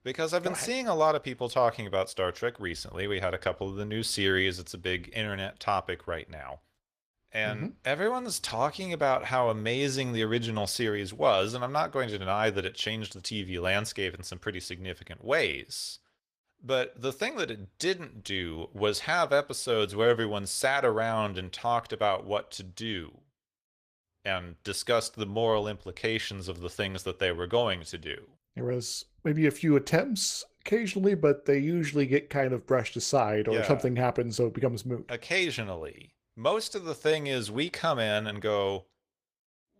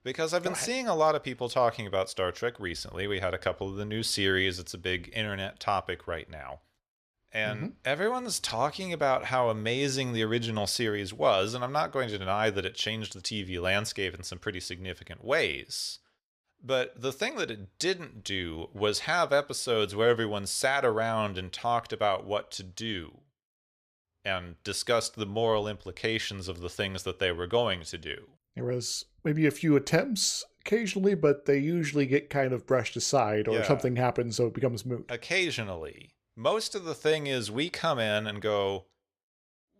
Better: second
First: garbled, watery; slightly; nothing above 15 kHz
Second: none

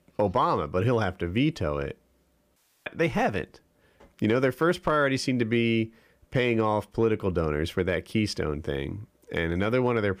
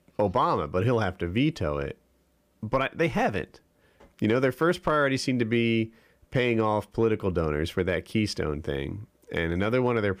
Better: second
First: audio cutting out; at 2.5 s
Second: none

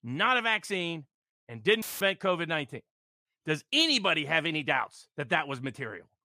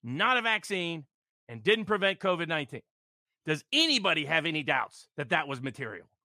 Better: second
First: audio cutting out; filled with static; at 2 s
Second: none

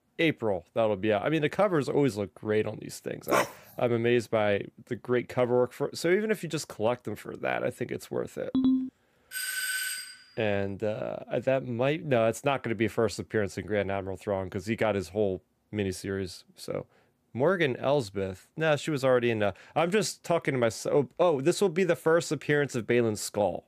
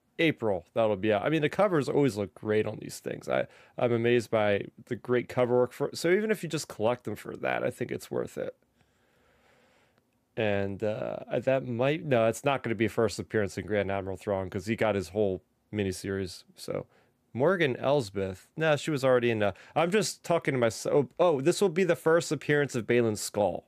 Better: second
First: dog barking; noticeable; at 3.5 s; peak 1 dB below the speech // phone ringing; loud; at 8.5 s; peak 2 dB above the speech // doorbell; noticeable; at 9.5 s; peak 1 dB below the speech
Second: none

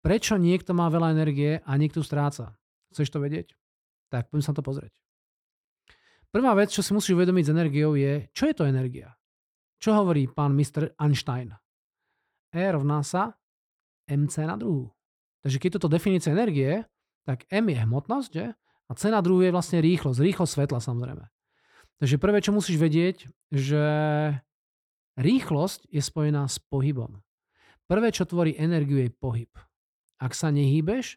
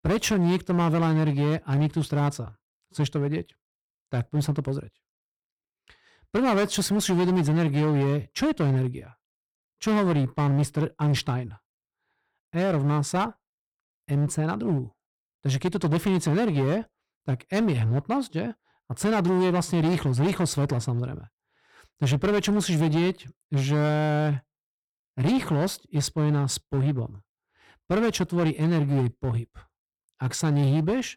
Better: first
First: none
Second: distortion; slight; 15% of the sound clipped

